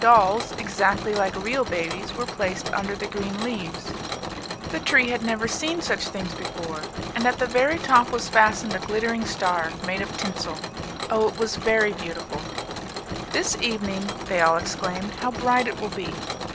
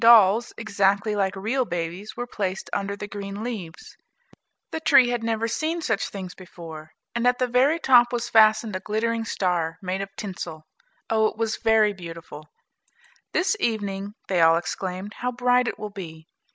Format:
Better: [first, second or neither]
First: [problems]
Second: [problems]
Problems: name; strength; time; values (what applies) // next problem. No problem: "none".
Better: second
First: background sound (Mechanisms); 7 dB below the speech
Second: none